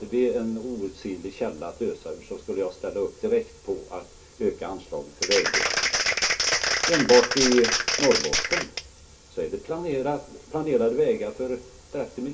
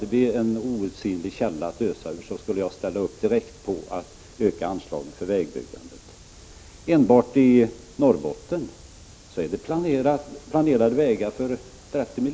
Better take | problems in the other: second | background sound (Applause); 2 dB above the speech // room echo; dies away in 0.2 s

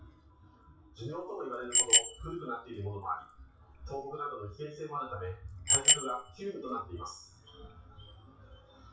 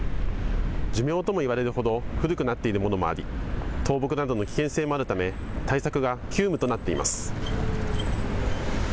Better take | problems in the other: second | noise reduction (classical method WPE with log-MMSE)

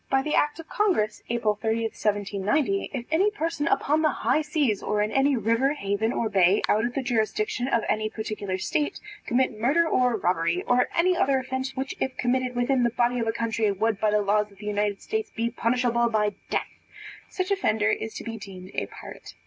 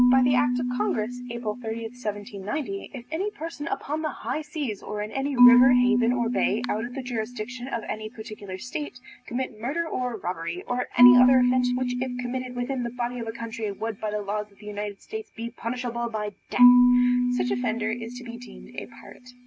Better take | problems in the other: first | background sound (Marimba, xylophone / Wood); 4 dB above the speech

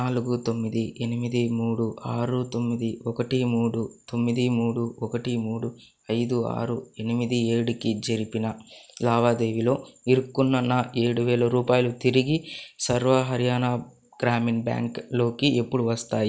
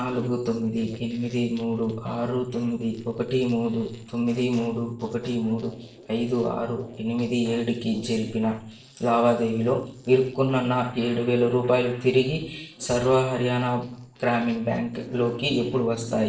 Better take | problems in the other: first | noise reduction (neural separator model SepFormer DNS4)

